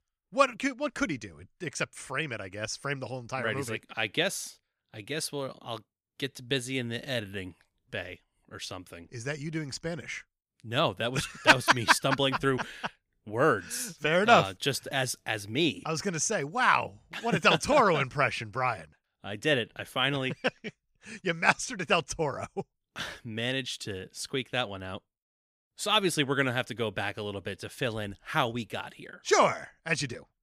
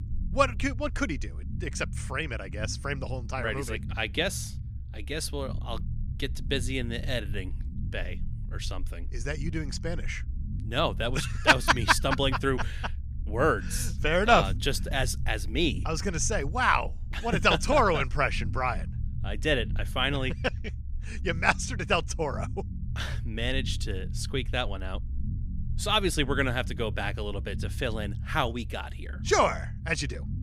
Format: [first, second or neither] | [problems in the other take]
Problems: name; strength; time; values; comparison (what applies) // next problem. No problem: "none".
first | low rumble; faint; throughout; 25 dB below the speech